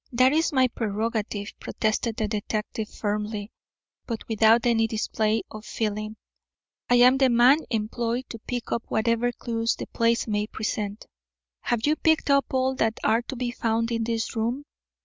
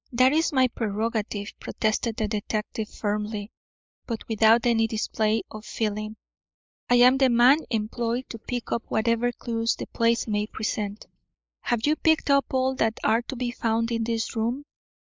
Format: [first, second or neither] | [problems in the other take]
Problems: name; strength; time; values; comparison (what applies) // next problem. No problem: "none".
first | noise reduction (neural mask model Resemble Enhance denoiser)